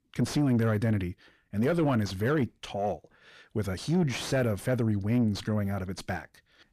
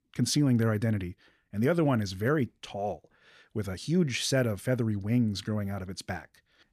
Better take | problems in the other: second | distortion; slight; 9 dB below the speech

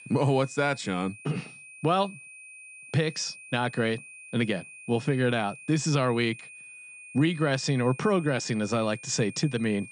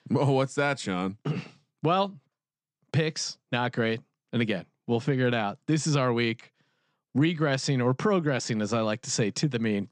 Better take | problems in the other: second | high-pitched whine; noticeable; throughout; 2.5 kHz, 15 dB below the speech

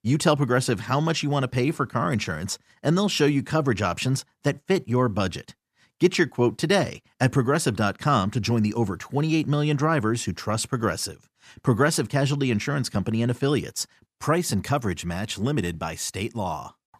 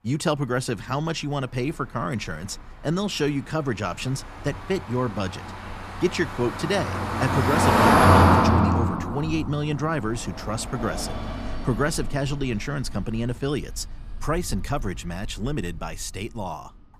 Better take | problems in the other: first | traffic noise; very loud; throughout; 5 dB above the speech

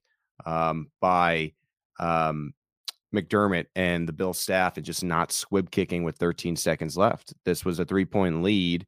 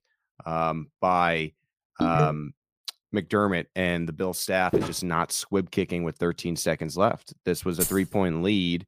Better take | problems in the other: first | phone ringing; loud; at 2 s; peak 1 dB above the speech // footsteps; noticeable; at 4.5 s; peak 1 dB below the speech // jangling keys; noticeable; at 8 s; peak 2 dB below the speech

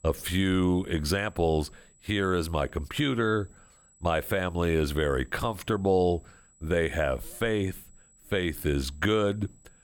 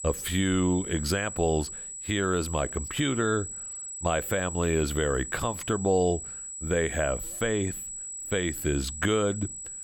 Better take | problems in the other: first | high-pitched whine; loud; throughout; 8 kHz, 7 dB below the speech; faint in the first

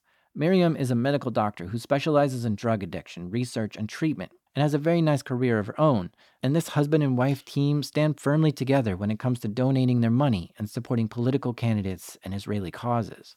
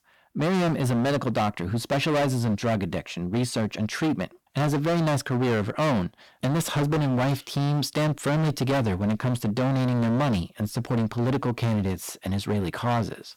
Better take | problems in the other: first | distortion; heavy; 26% of the sound clipped

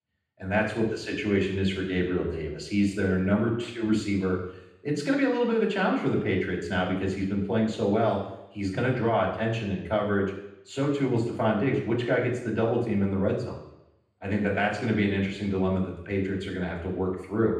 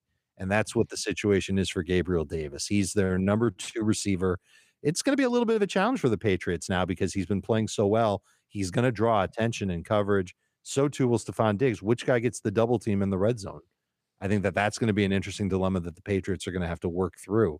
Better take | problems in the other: second | room echo; noticeable; dies away in 0.8 s // off-mic speech; far

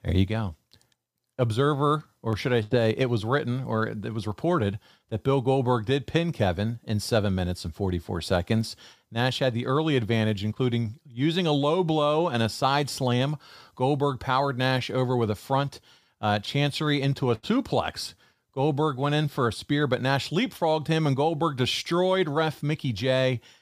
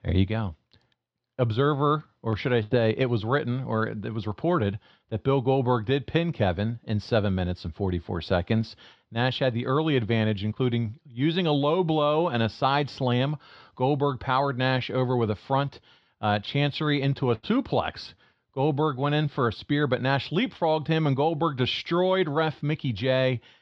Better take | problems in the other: first | muffled; very slightly; fading above 4 kHz

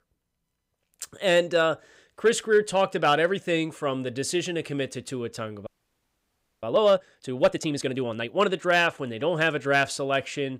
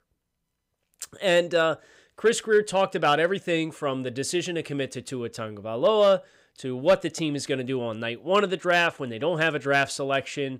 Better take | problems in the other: second | audio freezing; at 5.5 s for 1 s

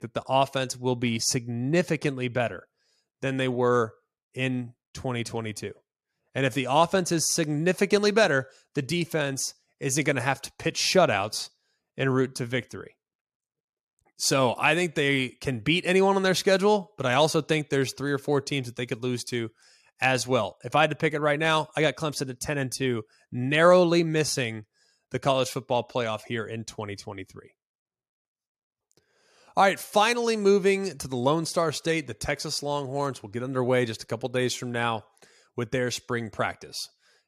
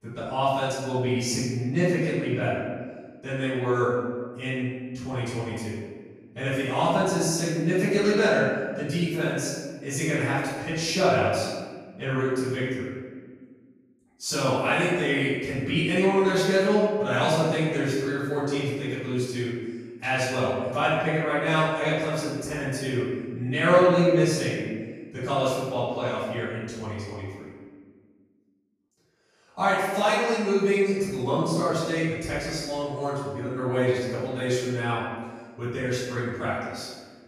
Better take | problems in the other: first | off-mic speech; far // room echo; strong; dies away in 1.5 s

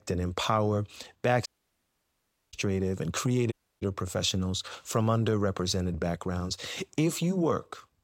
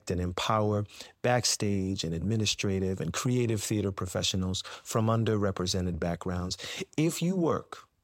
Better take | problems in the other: second | audio cutting out; at 1.5 s for 1 s and at 3.5 s

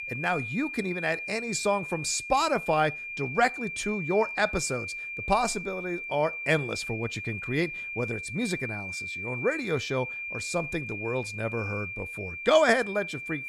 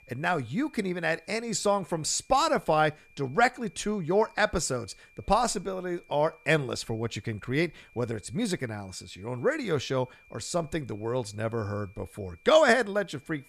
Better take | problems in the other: second | high-pitched whine; loud; throughout; 2.5 kHz, 6 dB below the speech; faint in the second

